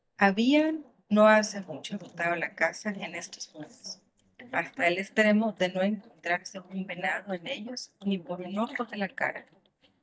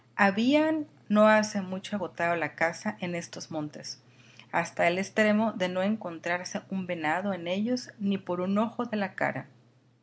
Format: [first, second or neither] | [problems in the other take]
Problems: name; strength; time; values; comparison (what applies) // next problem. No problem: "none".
second | noise reduction (neural mask model DeepFilterNet 3)